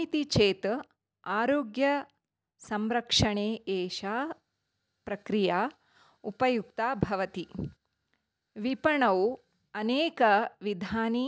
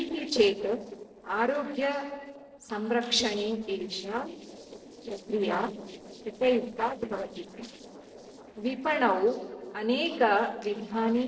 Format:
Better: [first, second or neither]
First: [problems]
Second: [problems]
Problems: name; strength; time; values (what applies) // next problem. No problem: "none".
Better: first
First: none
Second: noise reduction (neural separator model SepFormer DNS4)